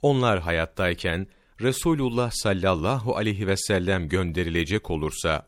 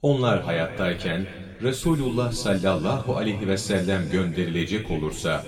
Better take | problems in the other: first | room echo; noticeable; dies away in 1.8 s // off-mic speech; far

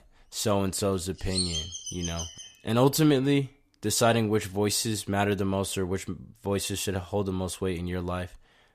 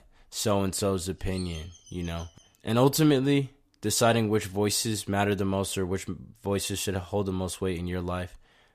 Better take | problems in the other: second | animal sounds; loud; until 3 s; 6 dB below the speech; faint in the second

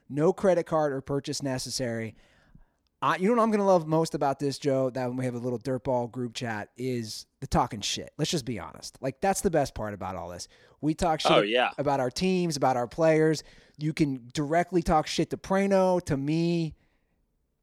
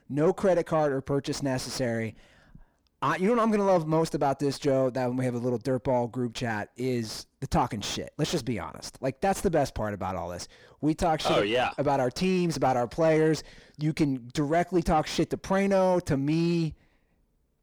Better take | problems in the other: first | distortion; slight; 10 dB below the speech

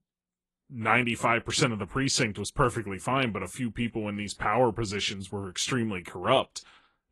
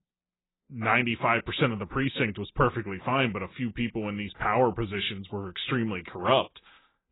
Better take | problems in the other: first | garbled, watery; badly; nothing above 4 kHz; slightly in the first

